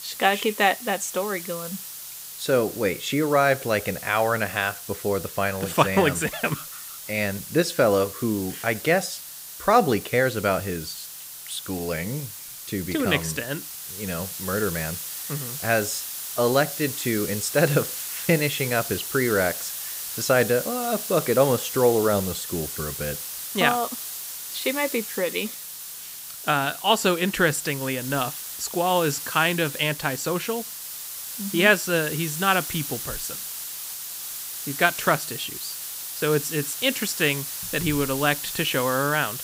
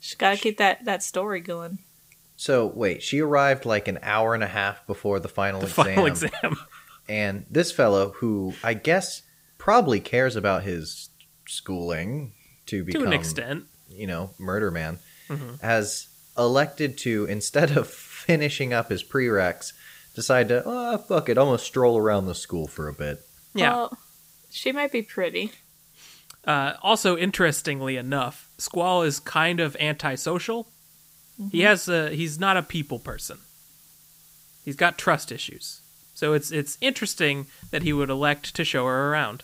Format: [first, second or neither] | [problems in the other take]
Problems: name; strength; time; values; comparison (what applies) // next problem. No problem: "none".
second | hiss; loud; throughout; 8 dB below the speech; faint in the second